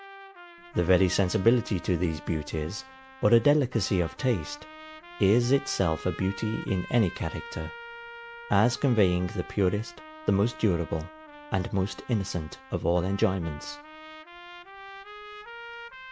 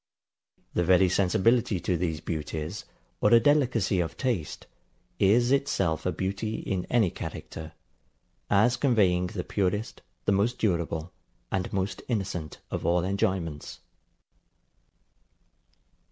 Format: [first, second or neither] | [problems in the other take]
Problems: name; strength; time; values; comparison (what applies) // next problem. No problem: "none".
second | background sound (Trumpet); 17 dB below the speech